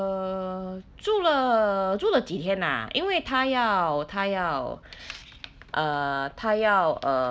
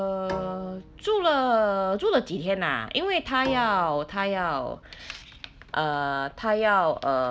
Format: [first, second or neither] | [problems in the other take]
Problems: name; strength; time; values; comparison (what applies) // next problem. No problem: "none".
first | background sound (Bowed string instrument); 19 dB below the speech